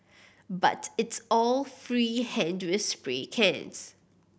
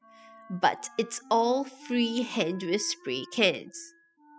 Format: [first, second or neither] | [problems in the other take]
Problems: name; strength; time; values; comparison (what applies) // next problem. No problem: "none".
first | noise reduction (classical method spectral subtraction)